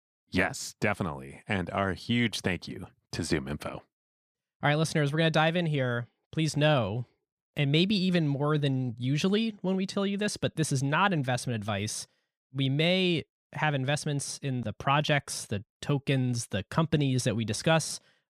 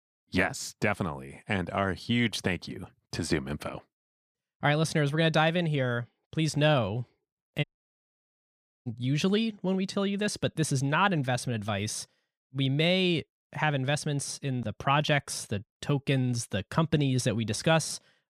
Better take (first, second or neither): first